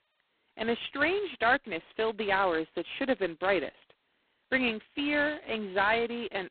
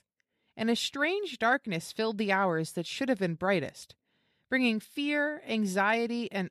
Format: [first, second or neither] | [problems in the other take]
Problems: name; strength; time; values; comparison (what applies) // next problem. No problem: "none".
second | phone-call audio; poor line; nothing above 4 kHz